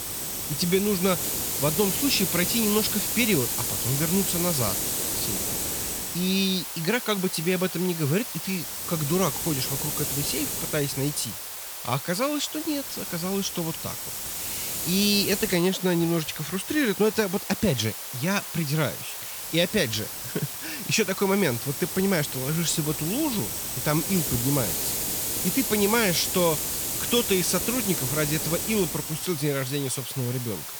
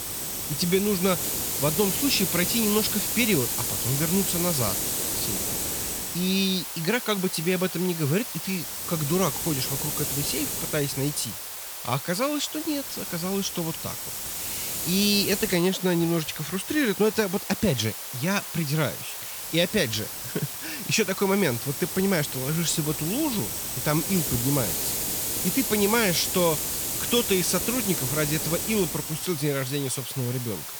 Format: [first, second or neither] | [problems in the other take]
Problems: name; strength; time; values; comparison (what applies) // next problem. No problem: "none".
neither | hiss; loud; throughout; 2 dB below the speech; the same in both